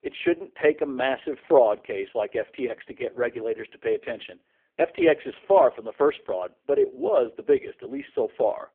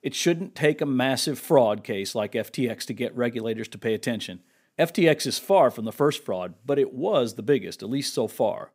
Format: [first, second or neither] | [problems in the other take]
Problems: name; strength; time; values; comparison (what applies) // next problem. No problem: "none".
second | phone-call audio; poor line